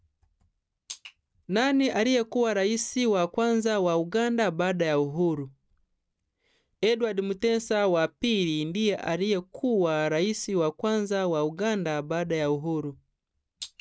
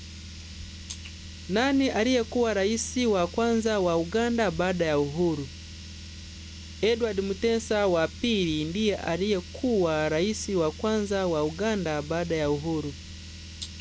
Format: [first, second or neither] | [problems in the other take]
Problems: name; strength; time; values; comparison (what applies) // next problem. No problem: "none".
first | background sound (Car); 14 dB below the speech